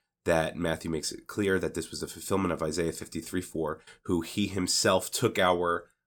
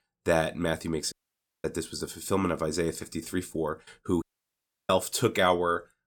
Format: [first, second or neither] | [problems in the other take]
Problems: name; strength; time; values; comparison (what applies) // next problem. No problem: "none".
first | audio cutting out; at 1 s for 0.5 s and at 4 s for 0.5 s